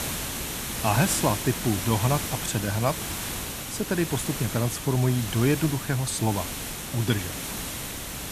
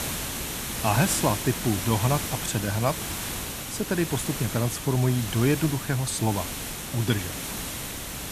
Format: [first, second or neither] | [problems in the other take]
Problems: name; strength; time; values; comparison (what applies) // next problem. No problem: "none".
neither | hiss; loud; throughout; 5 dB below the speech; the same in both